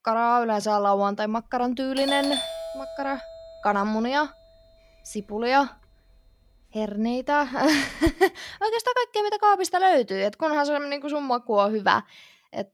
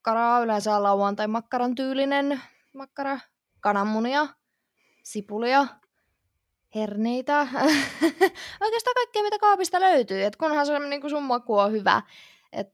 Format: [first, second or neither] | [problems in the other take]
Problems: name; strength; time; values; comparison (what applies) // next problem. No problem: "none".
second | doorbell; noticeable; from 2 to 8 s; peak 2 dB below the speech